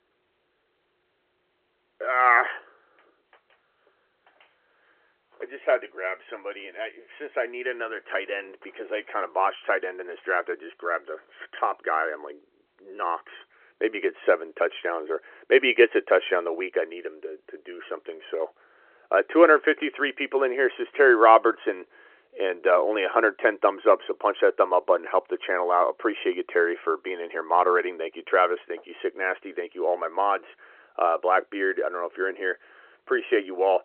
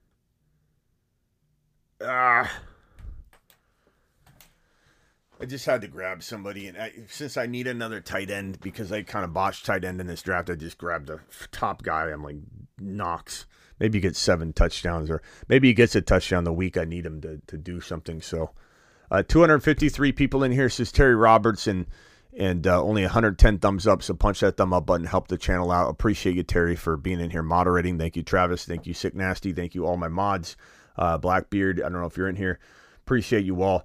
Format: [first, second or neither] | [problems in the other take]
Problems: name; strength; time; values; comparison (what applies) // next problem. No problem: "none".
second | phone-call audio